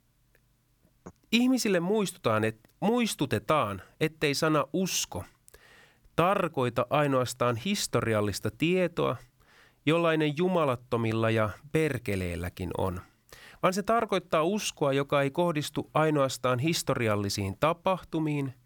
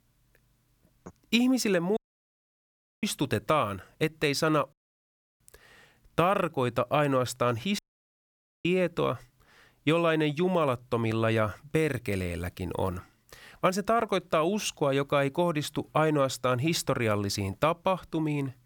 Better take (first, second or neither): first